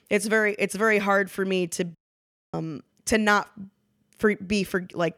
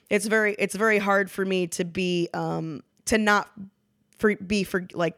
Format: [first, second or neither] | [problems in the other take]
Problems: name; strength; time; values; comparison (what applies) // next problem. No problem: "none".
second | audio cutting out; at 2 s for 0.5 s